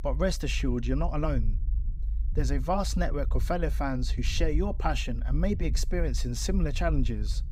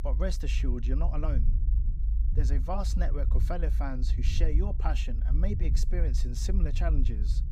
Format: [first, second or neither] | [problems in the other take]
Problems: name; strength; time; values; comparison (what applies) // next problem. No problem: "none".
first | low rumble; loud; throughout; 10 dB below the speech; faint in the first